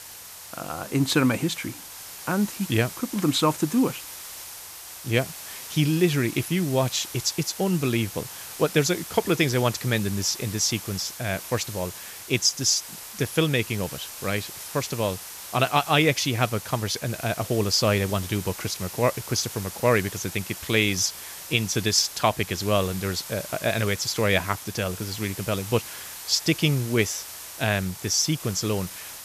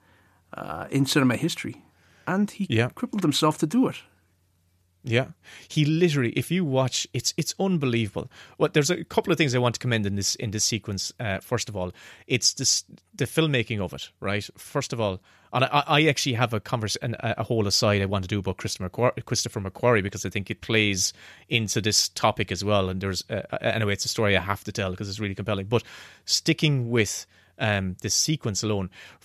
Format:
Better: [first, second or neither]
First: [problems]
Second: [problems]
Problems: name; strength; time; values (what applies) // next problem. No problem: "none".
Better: second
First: hiss; noticeable; throughout; 10 dB below the speech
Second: none